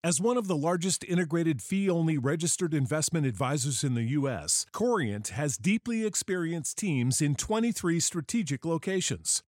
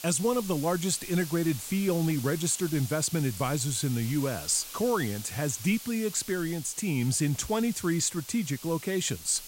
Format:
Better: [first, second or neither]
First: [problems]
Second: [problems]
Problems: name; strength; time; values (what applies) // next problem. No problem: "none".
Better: first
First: none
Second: hiss; noticeable; throughout; 10 dB below the speech